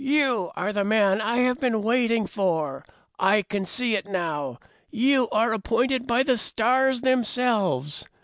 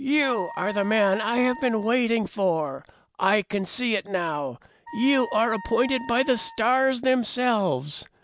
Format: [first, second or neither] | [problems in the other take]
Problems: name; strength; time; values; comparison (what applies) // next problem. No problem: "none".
first | background sound (Wind instrument, woodwind instrument); 15 dB below the speech